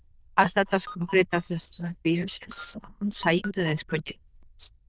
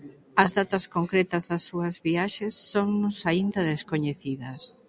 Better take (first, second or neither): second